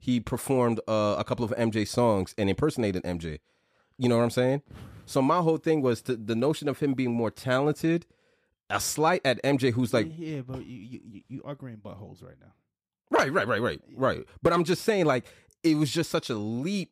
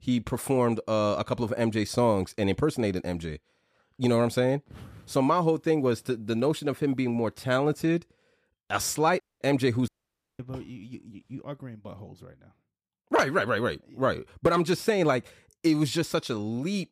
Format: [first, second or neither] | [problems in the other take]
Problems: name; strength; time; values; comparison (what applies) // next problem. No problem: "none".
first | audio cutting out; at 9 s and at 10 s for 0.5 s